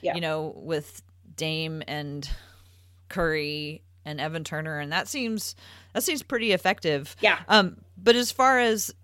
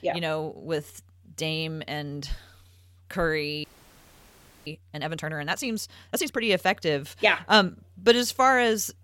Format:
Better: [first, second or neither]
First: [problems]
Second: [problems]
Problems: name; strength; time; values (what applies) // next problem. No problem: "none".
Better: first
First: none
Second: audio freezing; at 3.5 s for 1 s